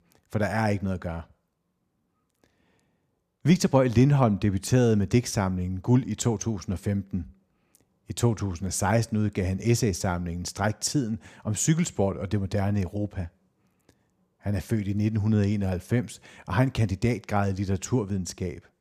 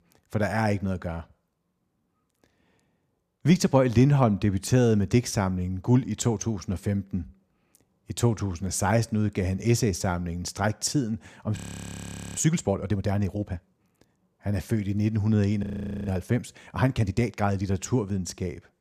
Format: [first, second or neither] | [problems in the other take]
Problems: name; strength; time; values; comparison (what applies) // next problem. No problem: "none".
first | audio freezing; at 12 s for 1 s and at 16 s